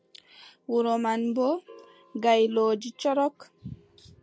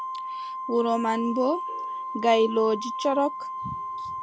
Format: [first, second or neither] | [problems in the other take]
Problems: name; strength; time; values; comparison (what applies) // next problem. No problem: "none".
first | background sound (Organ); 6 dB below the speech